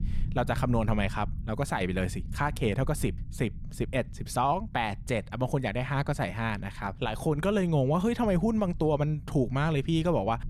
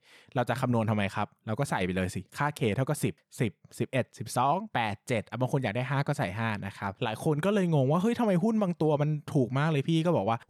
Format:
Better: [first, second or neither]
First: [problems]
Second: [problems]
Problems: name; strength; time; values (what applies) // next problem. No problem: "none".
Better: second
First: low rumble; faint; throughout; 25 dB below the speech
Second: none